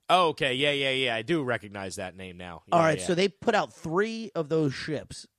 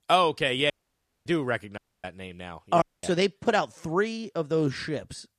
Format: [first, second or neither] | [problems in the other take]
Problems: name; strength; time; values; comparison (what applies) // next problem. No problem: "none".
first | audio cutting out; at 0.5 s for 0.5 s, at 2 s and at 3 s